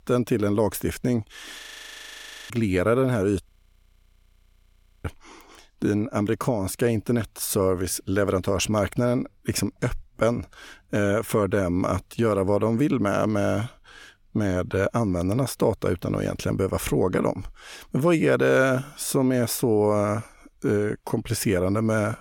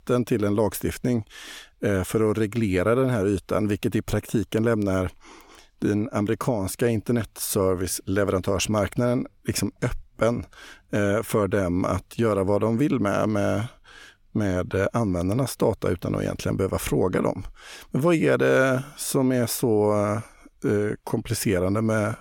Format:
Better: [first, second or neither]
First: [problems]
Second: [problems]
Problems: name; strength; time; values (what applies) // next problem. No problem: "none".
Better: second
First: audio freezing; at 1.5 s for 1 s and at 3.5 s for 1.5 s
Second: none